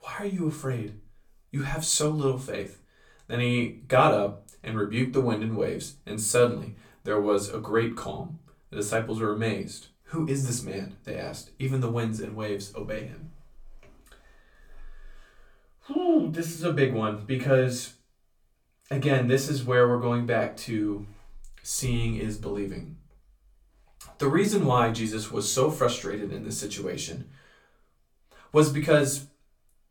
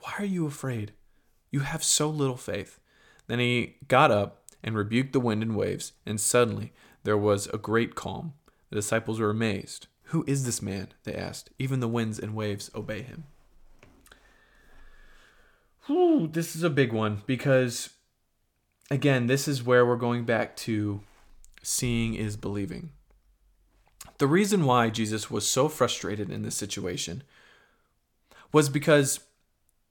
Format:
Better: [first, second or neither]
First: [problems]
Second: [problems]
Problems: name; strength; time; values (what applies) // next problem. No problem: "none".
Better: second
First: off-mic speech; far // room echo; very slight; dies away in 0.2 s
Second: none